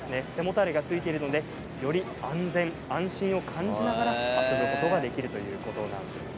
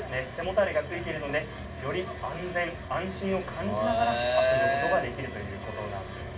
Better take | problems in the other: first | room echo; dies away in 0.2 s

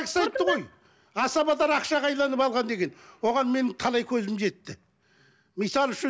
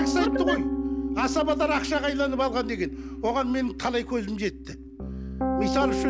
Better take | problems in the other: first | background sound (Piano); 2 dB below the speech

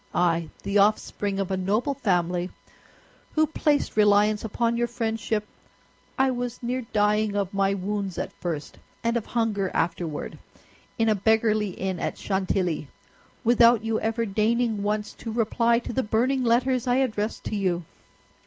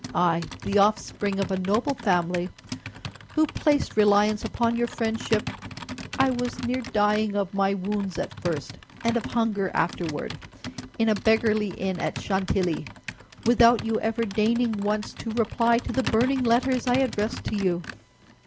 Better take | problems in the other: first | background sound (Computer keyboard); 13 dB below the speech

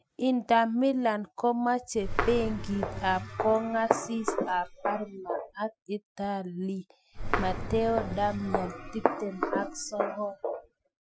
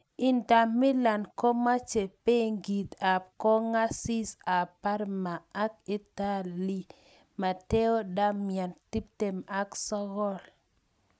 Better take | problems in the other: second | noise reduction (classical method Wiener filter)

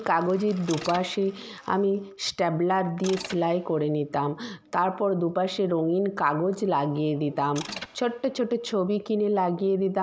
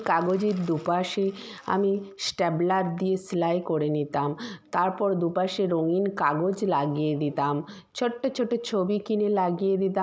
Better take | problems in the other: second | background sound (Mechanisms); 18 dB below the speech

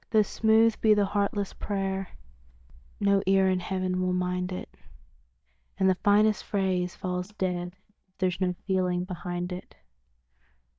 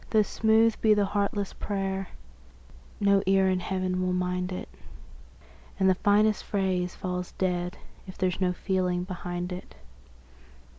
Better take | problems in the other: second | noise reduction (neural mask model DeepFilterNet 3)

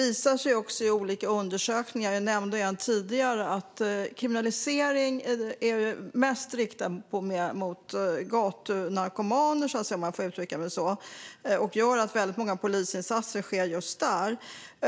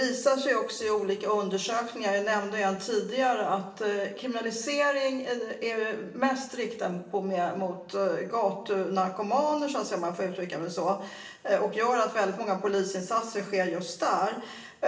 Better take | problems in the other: first | room echo; dies away in 0.8 s

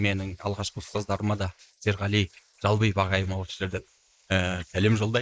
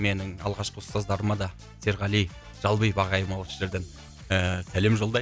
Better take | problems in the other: second | noise reduction (neural mask model Resemble Enhance denoiser)

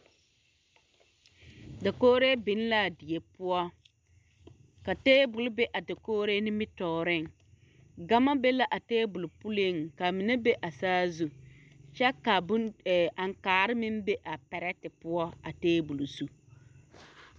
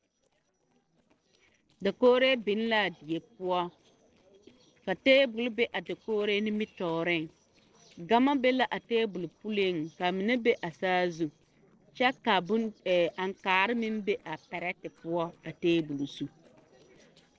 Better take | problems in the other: first | noise reduction (neural separator model SepFormer DNS4)

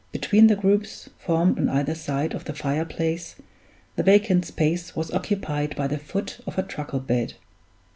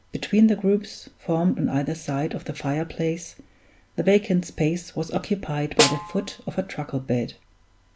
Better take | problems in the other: first | background sound (Snare drum); 2 dB below the speech

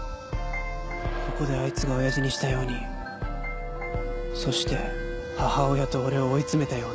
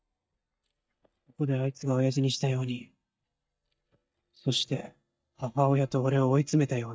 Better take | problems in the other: first | noise reduction (neural mask model DeepFilterNet 3)

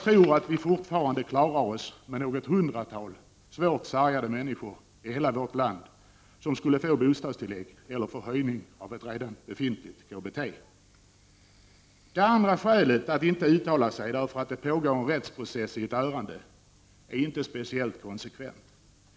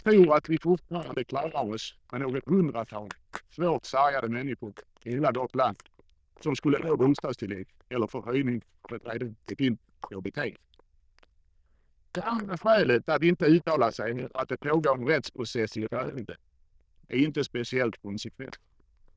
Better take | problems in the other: first | noise reduction (neural diffusion model UNIVERSE++)

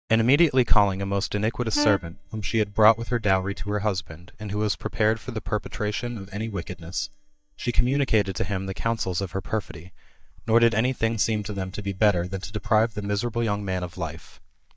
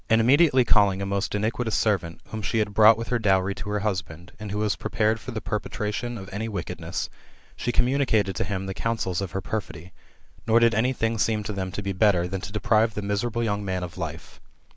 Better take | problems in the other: second | noise reduction (neural mask model DeepFilterNet 3)

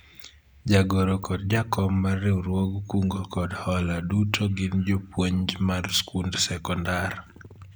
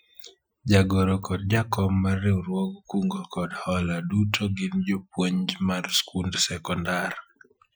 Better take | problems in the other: first | noise reduction (classical method Wiener filter)

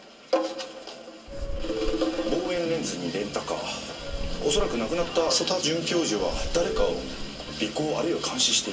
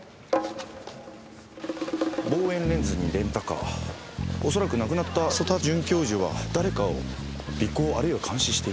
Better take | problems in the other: second | background sound (Subway, metro, underground / Doorbell); 4 dB below the speech // room echo; dies away in 0.2 s

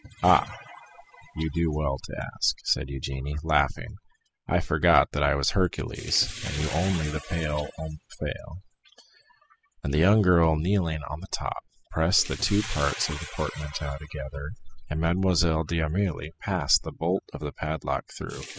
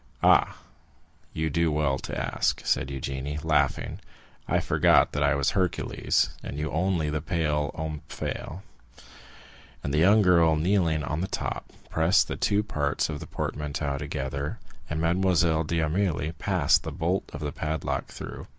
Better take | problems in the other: second | noise reduction (classical method spectral subtraction)

